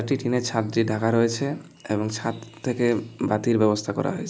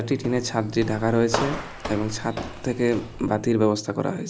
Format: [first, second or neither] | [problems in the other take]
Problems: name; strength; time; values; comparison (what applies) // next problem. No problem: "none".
first | background sound (Walk, footsteps); 10 dB below the speech